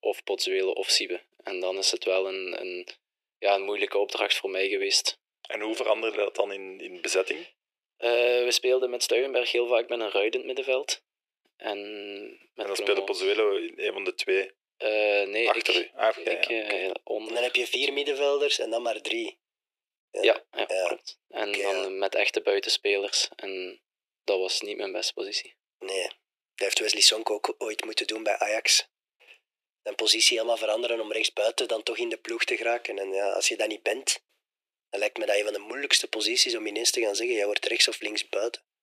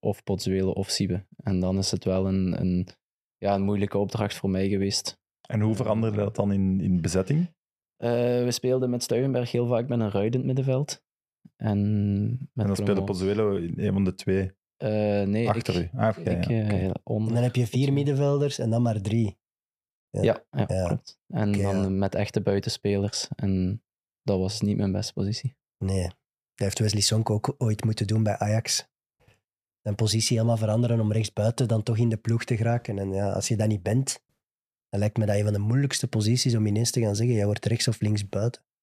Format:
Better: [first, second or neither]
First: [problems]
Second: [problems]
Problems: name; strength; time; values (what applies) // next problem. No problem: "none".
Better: second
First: thin; very; fading below 350 Hz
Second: none